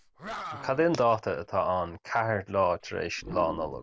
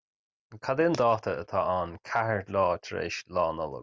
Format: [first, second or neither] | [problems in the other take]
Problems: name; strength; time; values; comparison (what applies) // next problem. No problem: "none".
second | background sound (Animal); 15 dB below the speech